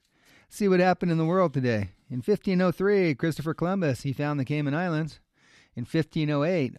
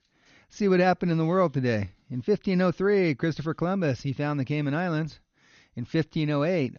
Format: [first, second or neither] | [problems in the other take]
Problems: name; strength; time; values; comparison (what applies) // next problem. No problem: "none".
first | garbled, watery; slightly; nothing above 6.5 kHz